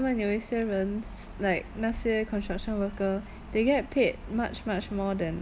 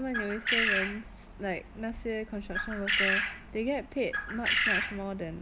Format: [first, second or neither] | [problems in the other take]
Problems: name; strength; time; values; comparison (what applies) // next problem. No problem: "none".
first | background sound (Bird); 4 dB above the speech